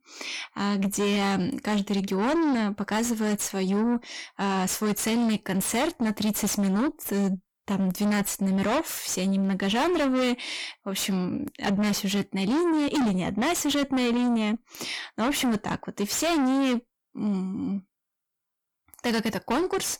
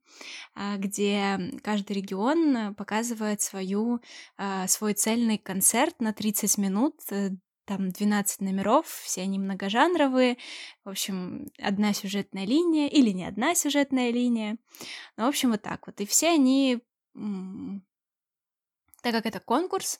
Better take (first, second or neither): second